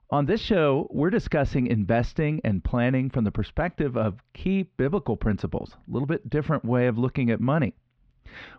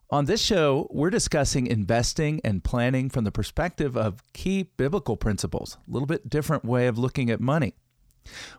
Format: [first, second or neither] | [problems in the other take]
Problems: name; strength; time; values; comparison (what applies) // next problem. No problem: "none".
second | muffled; very; fading above 3 kHz